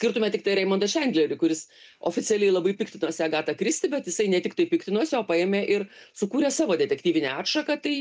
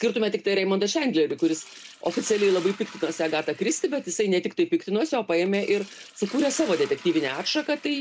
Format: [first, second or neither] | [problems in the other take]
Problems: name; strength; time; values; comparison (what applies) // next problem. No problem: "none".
first | background sound (Liquid); 20 dB below the speech